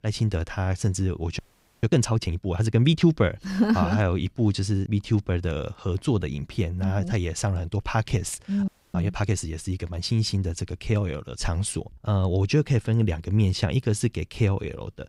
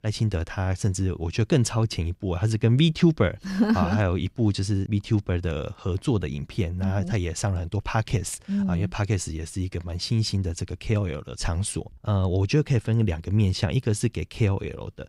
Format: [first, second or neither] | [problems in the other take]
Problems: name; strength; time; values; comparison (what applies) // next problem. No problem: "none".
second | audio freezing; at 1.5 s and at 8.5 s